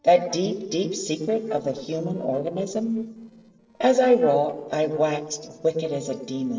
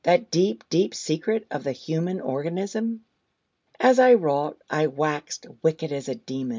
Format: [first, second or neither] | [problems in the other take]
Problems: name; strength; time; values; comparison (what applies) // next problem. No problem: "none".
second | noise reduction (neural separator model SepFormer DNS4)